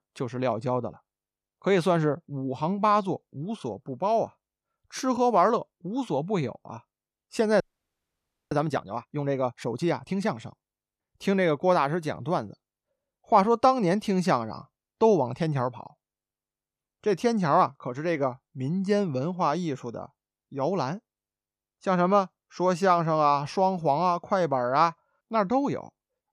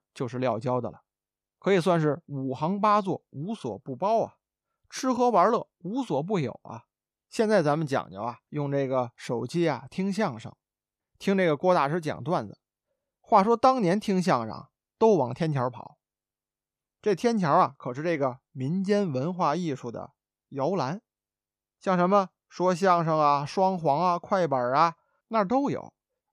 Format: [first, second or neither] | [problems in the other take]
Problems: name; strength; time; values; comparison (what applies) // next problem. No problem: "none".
second | audio freezing; at 7.5 s for 1 s